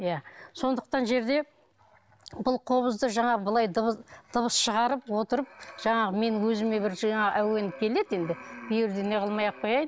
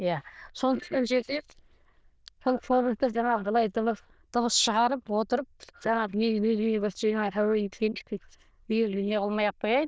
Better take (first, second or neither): first